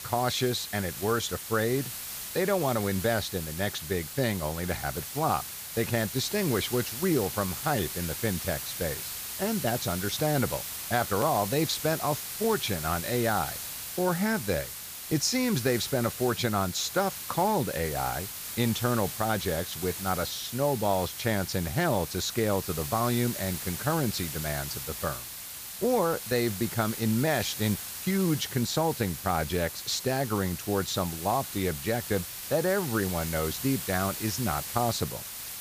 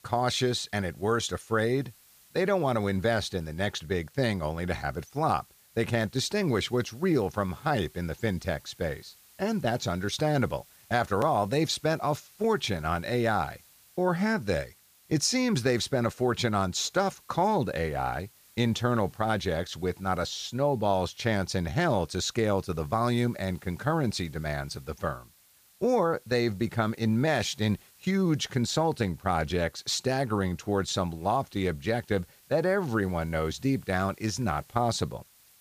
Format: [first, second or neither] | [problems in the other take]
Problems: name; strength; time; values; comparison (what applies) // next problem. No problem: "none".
second | hiss; loud; throughout; 6 dB below the speech; faint in the second